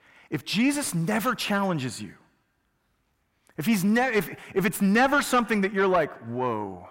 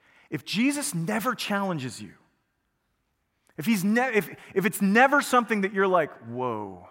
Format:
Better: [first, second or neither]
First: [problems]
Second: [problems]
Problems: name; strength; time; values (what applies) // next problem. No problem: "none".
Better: second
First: distortion; slight; 10 dB below the speech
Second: none